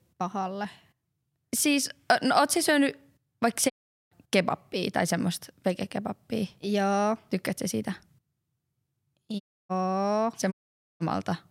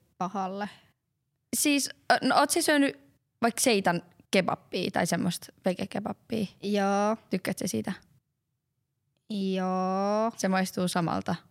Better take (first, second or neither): second